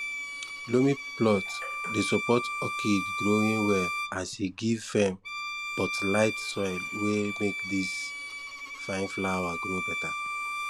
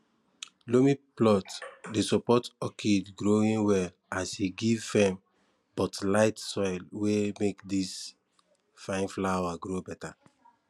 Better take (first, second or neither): second